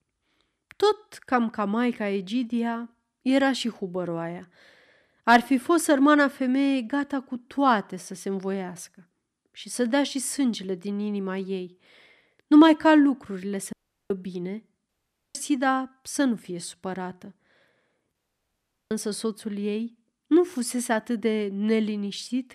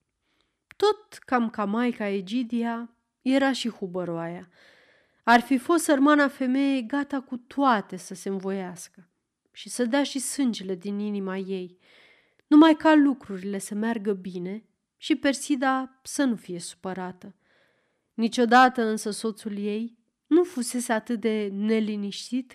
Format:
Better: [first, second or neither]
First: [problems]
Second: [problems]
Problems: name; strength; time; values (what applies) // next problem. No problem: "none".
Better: second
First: audio cutting out; at 14 s, at 15 s and at 18 s for 1 s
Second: none